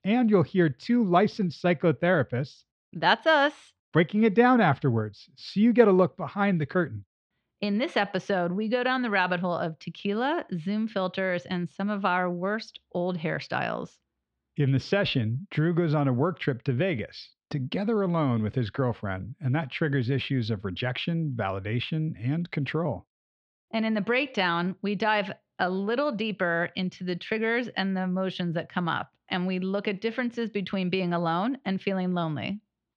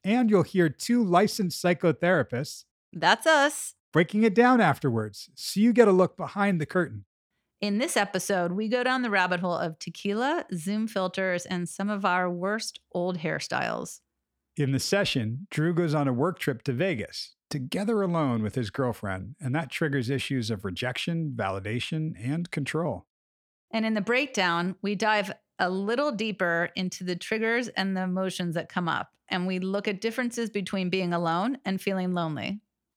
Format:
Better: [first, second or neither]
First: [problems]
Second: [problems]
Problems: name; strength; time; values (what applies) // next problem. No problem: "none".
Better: second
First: muffled; very slightly; fading above 4 kHz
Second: none